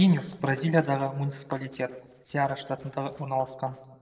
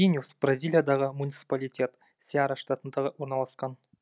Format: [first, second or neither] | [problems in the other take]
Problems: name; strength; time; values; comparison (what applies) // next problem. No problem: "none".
second | noise reduction (neural separator model SepFormer DNS4)